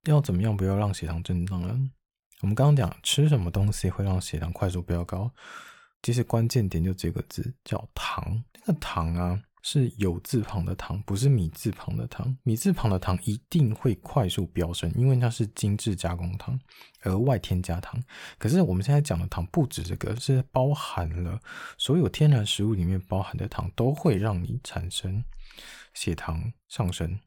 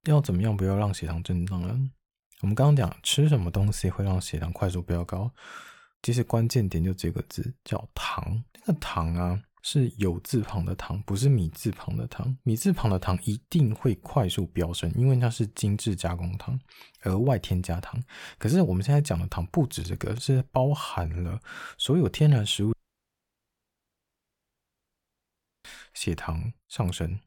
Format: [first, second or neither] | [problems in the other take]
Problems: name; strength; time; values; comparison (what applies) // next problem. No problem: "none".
first | audio cutting out; at 23 s for 3 s